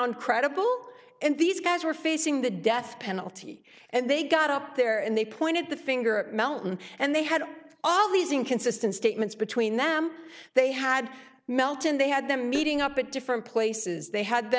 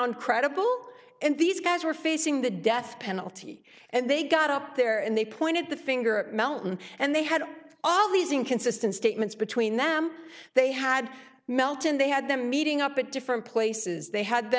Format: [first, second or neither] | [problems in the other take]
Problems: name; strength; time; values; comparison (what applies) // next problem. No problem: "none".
second | background sound (Tap); 14 dB below the speech